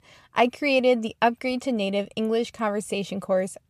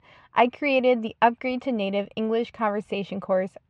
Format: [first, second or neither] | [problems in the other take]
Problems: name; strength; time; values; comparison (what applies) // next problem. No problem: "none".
first | muffled; slightly; fading above 2.5 kHz